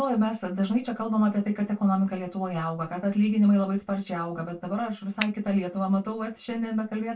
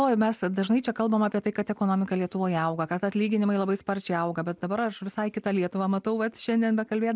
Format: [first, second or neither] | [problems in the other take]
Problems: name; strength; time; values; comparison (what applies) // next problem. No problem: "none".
second | background sound (Finger snapping); 8 dB below the speech // room echo; dies away in 0.2 s